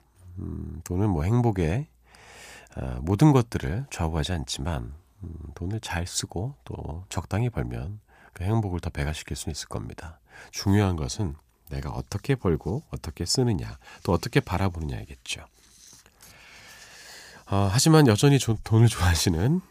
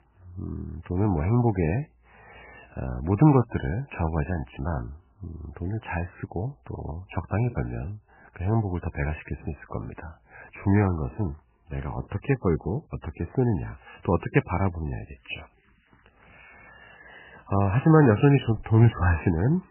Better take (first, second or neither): first